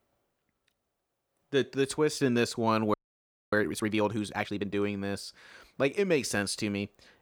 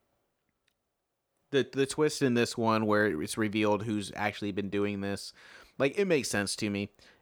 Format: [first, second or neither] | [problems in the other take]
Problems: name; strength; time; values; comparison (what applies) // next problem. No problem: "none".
second | audio freezing; at 3 s for 0.5 s